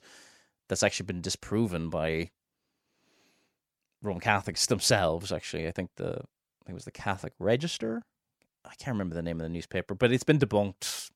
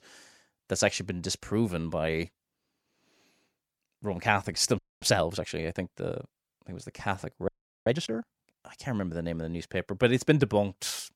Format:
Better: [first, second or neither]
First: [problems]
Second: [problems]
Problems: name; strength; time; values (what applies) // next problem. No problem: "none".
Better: first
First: none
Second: audio freezing; at 5 s and at 7.5 s